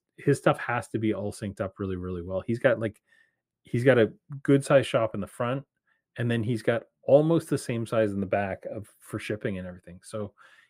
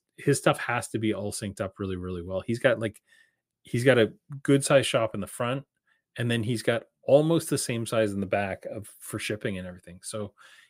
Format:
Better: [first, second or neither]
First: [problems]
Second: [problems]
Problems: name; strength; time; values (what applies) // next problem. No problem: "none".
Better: second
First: muffled; slightly; fading above 2.5 kHz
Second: none